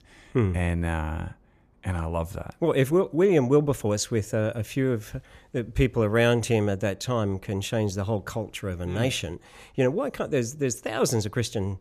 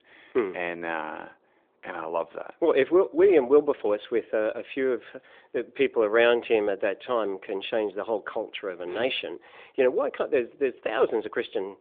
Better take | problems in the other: first | phone-call audio; nothing above 3.5 kHz

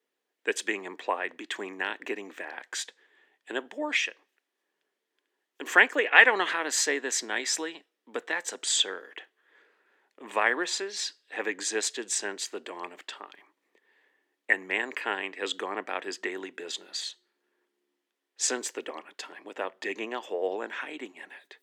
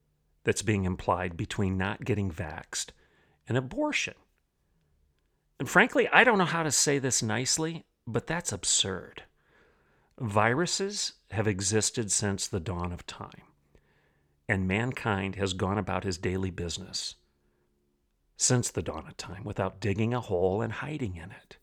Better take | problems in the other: second | thin; very; fading below 300 Hz

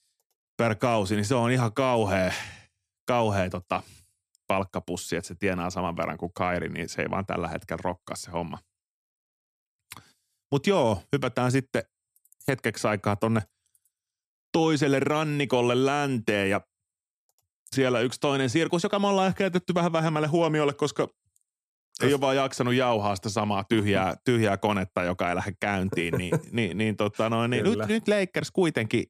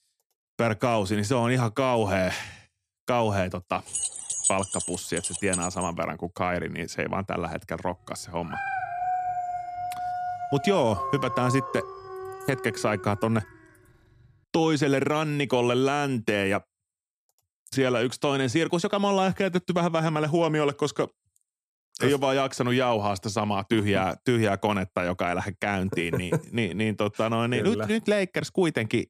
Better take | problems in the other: first | jangling keys; loud; from 4 to 6 s; peak 1 dB above the speech // dog barking; noticeable; from 8.5 to 13 s; peak 2 dB below the speech

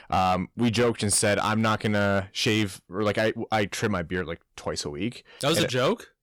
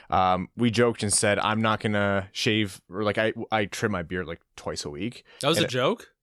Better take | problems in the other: second | distortion; slight; 7% of the sound clipped

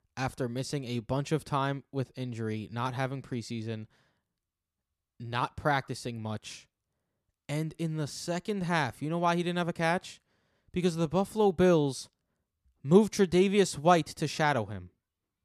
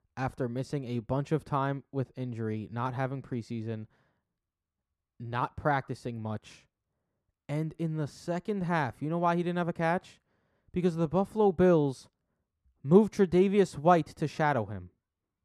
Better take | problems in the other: first | muffled; slightly; fading above 2.5 kHz

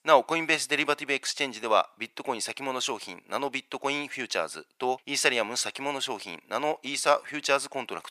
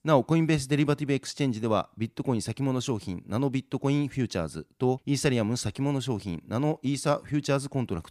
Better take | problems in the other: second | thin; very; fading below 700 Hz

